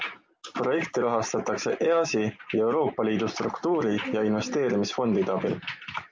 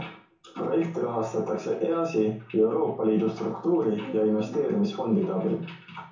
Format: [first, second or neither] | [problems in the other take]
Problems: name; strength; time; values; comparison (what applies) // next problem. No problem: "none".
first | room echo; dies away in 0.7 s